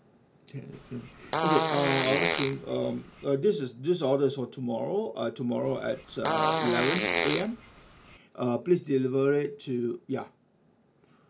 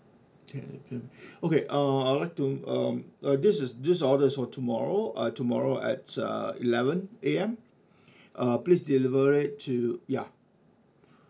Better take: second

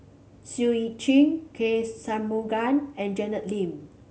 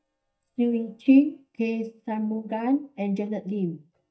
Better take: first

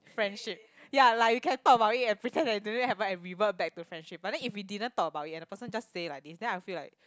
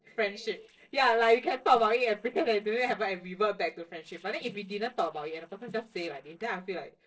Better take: first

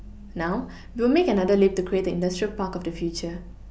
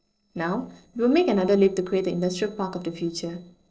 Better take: first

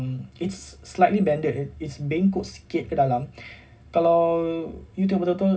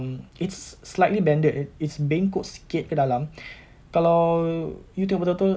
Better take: second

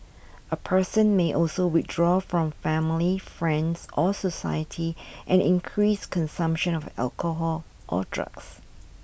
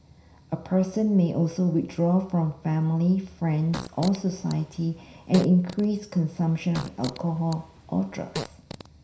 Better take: first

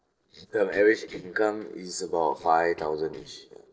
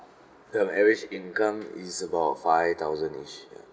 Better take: second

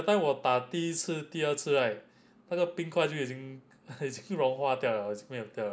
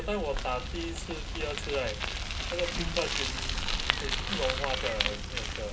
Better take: first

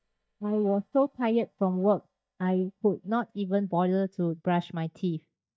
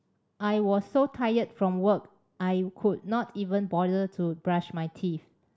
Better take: second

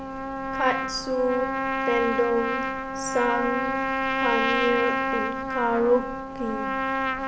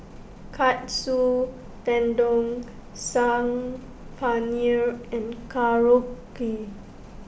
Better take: second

